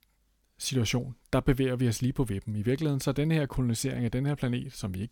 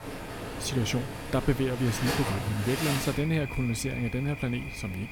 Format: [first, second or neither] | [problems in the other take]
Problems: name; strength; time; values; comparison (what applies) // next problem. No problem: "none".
first | rain or running water; loud; throughout; 5 dB below the speech